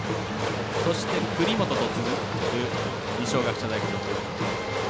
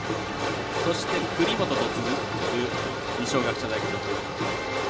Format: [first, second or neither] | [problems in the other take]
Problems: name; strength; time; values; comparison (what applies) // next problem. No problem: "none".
first | room echo; dies away in 0.6 s